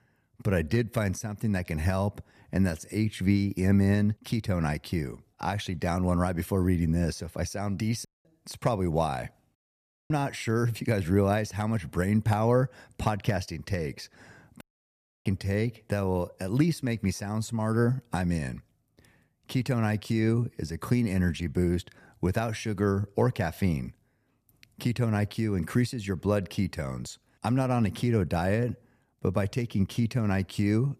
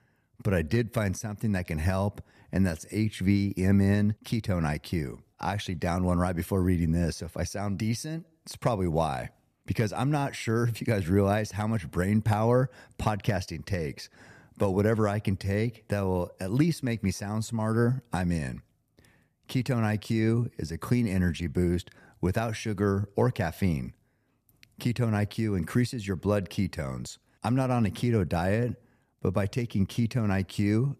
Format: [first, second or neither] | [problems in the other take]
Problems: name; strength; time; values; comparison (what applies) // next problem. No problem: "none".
second | audio cutting out; at 8 s, at 9.5 s for 0.5 s and at 15 s for 0.5 s